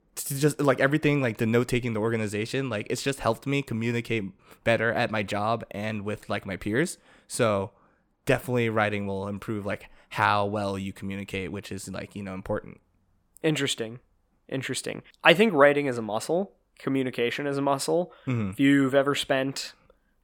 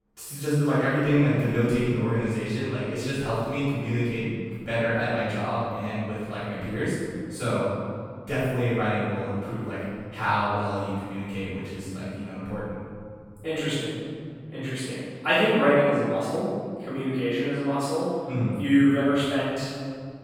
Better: first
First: none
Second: off-mic speech; far // room echo; strong; dies away in 2.3 s

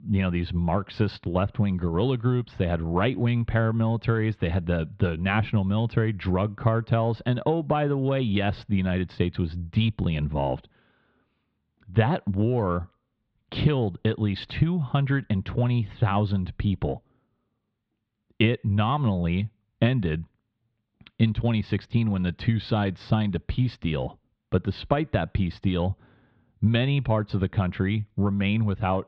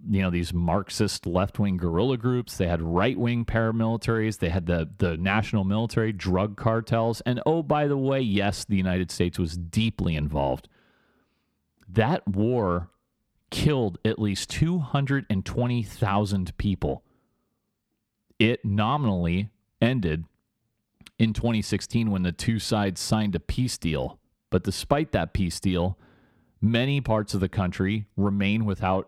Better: second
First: muffled; slightly; fading above 3.5 kHz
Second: none

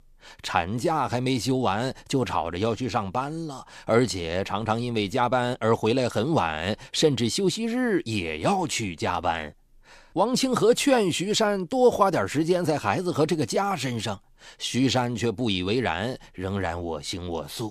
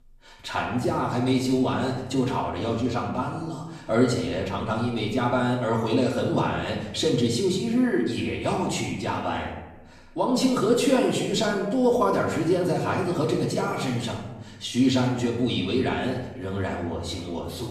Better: first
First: none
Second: off-mic speech; far // room echo; noticeable; dies away in 0.9 s

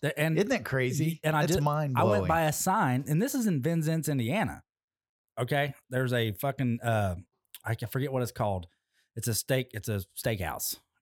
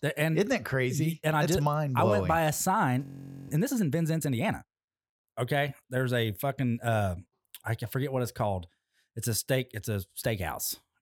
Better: first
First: none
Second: audio freezing; at 3 s

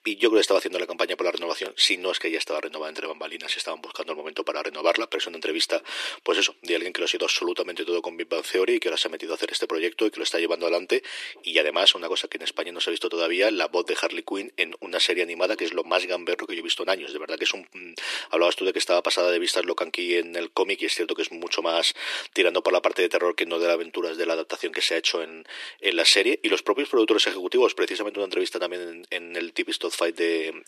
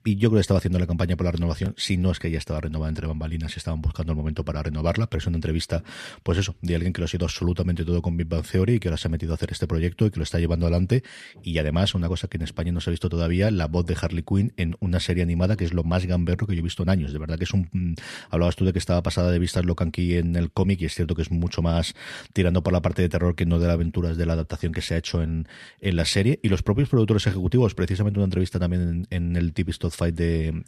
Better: second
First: thin; very; fading below 300 Hz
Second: none

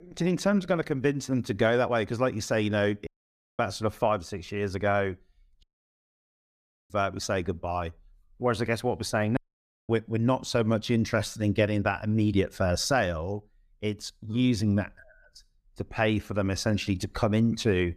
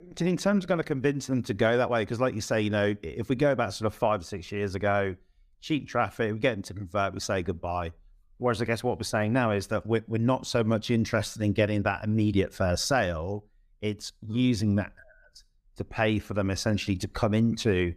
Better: second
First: audio cutting out; at 3 s for 0.5 s, at 5.5 s for 1.5 s and at 9.5 s for 0.5 s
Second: none

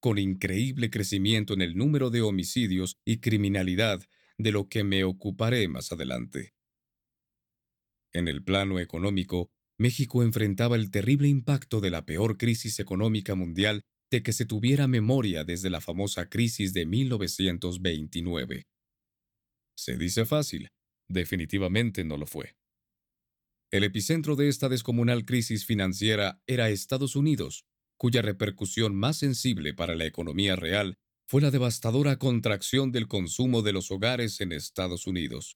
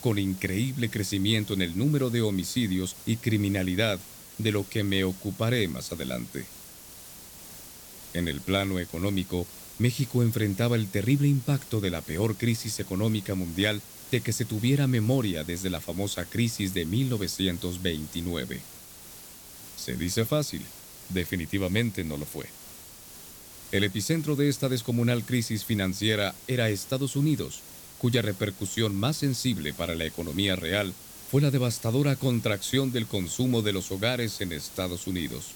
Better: first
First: none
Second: hiss; noticeable; throughout; 15 dB below the speech

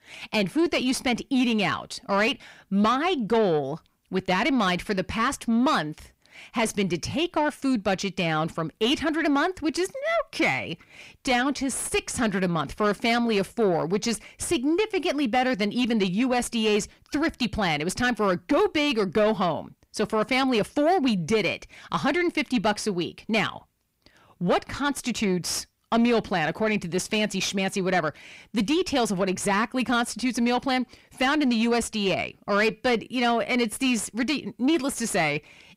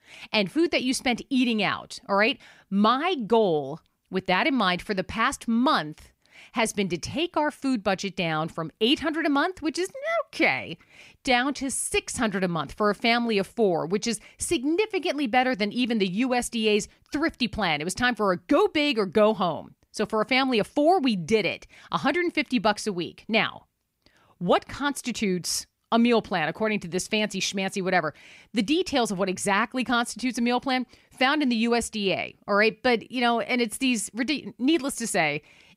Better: second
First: distortion; slight; 10 dB below the speech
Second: none

